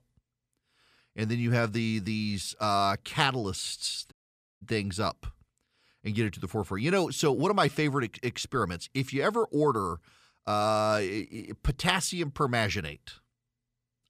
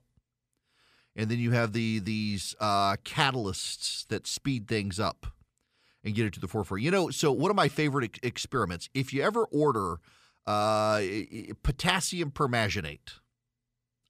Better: second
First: audio cutting out; at 4 s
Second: none

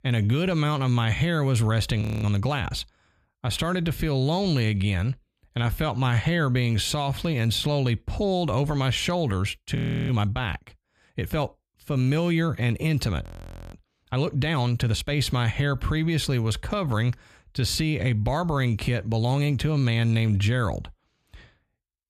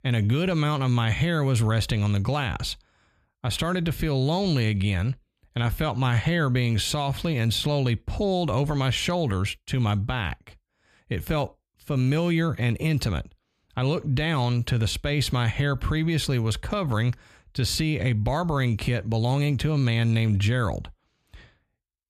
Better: second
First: audio freezing; at 2 s, at 10 s and at 13 s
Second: none

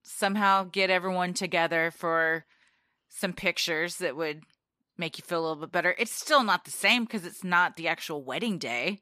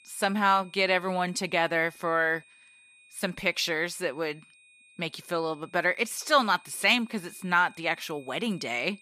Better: first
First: none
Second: high-pitched whine; faint; throughout; 2.5 kHz, 25 dB below the speech

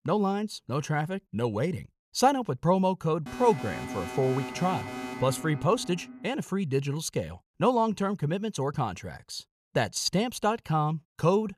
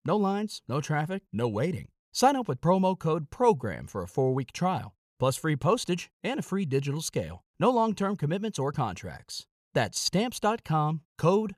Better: second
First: alarm; noticeable; from 3.5 to 6.5 s; peak 8 dB below the speech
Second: none

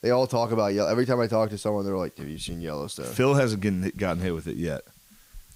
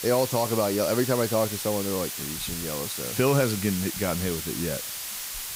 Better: first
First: hiss; faint; throughout; 30 dB below the speech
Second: hiss; loud; throughout; 4 dB below the speech

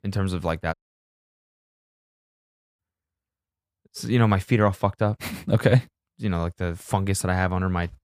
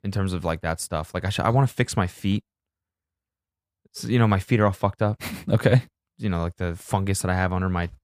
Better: second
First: audio cutting out; at 0.5 s for 2 s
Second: none

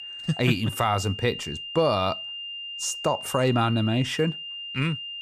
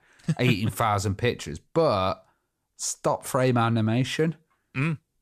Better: second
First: high-pitched whine; loud; throughout; 3 kHz, 8 dB below the speech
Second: none

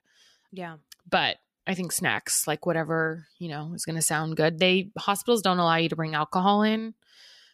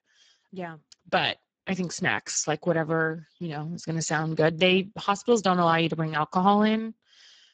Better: first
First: none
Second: garbled, watery; badly; nothing above 7.5 kHz

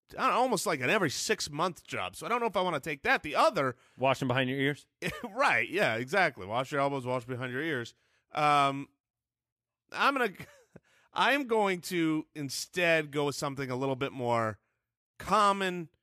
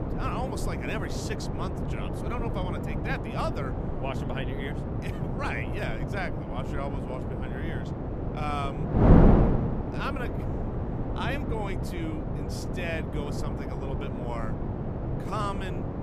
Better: first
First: none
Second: wind noise on the microphone; heavy; 1 dB above the speech

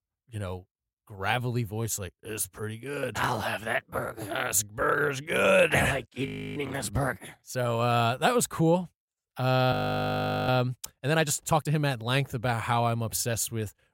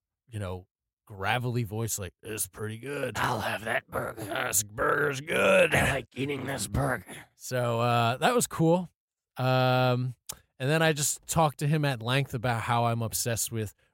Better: second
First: audio freezing; at 6.5 s and at 9.5 s for 1 s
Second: none

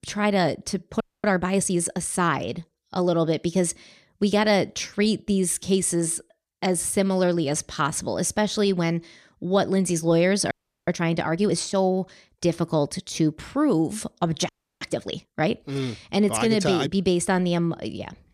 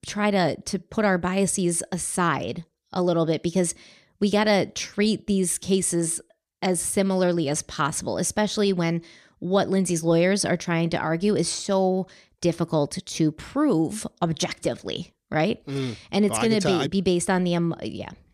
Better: second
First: audio freezing; at 1 s, at 11 s and at 14 s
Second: none

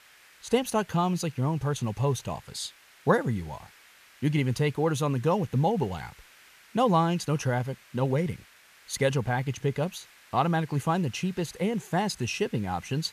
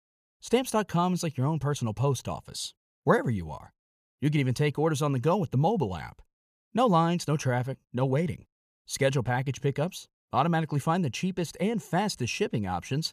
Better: second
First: hiss; faint; throughout; 25 dB below the speech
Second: none

